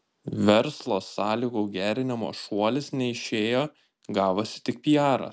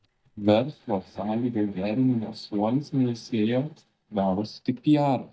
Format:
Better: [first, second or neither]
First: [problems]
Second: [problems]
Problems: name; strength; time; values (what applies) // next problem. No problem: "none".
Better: first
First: none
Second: noise reduction (neural mask model DeepFilterNet 3)